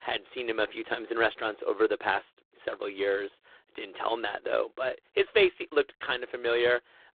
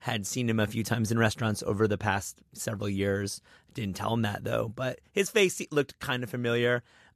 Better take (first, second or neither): second